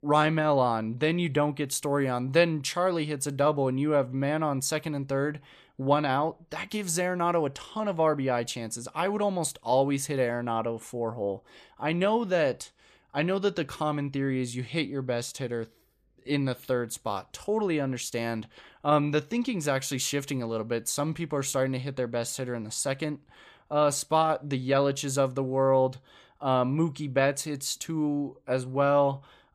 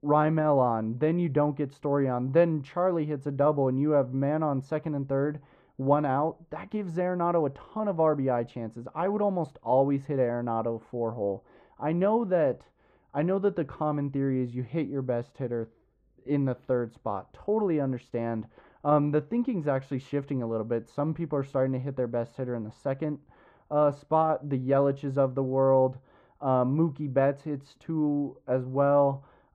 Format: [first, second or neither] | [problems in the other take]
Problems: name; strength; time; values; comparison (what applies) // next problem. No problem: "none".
first | muffled; very; fading above 3 kHz